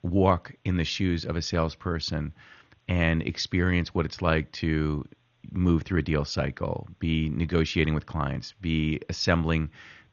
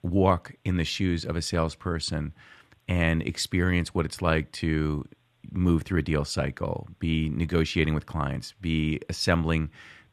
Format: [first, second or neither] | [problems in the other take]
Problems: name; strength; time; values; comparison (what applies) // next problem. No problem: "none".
second | garbled, watery; slightly; nothing above 6.5 kHz